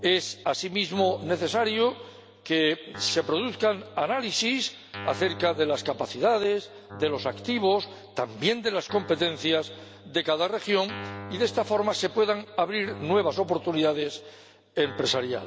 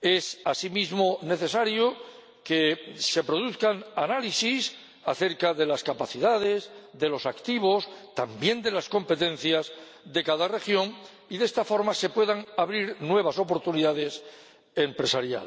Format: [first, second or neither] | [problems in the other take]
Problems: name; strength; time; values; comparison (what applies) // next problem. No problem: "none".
second | background sound (Guitar); 17 dB below the speech